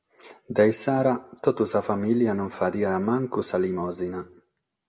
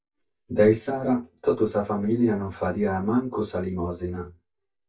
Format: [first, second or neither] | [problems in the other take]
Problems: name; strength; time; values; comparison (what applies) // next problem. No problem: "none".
first | noise reduction (neural mask model DeepFilterNet 3)